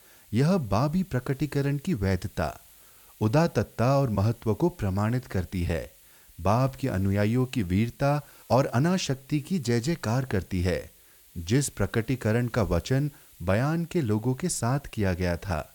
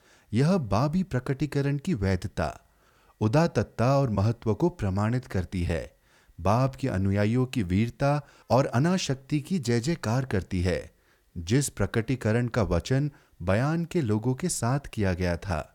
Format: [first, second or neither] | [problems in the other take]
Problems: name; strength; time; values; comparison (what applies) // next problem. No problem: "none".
second | hiss; faint; throughout; 25 dB below the speech